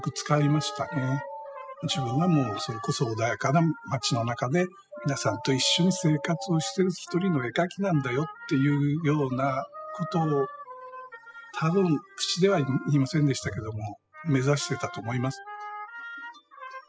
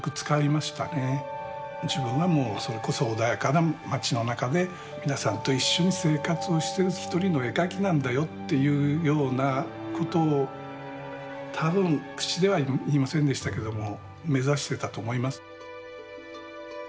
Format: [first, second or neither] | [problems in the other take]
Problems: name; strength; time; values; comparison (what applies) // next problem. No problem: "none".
second | noise reduction (classical method spectral subtraction)